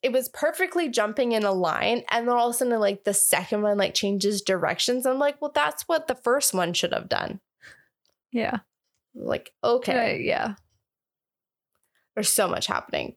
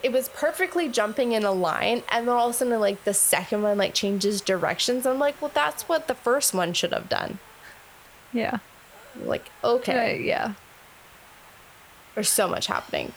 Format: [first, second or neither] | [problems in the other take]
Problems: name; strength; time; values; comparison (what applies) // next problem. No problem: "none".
first | hiss; faint; throughout; 20 dB below the speech